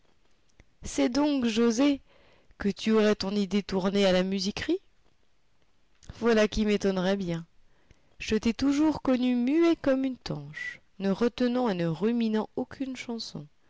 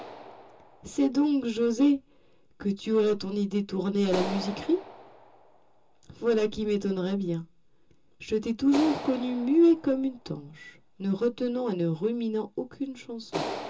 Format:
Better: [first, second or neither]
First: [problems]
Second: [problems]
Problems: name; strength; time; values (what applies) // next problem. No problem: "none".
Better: first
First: none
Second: background sound (Clapping); 14 dB below the speech // room echo; dies away in 0.2 s